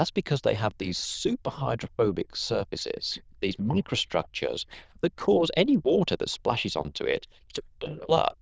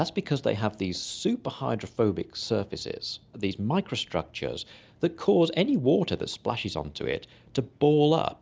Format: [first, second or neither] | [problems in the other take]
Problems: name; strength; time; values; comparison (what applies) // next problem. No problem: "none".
second | noise reduction (neural diffusion model UNIVERSE++)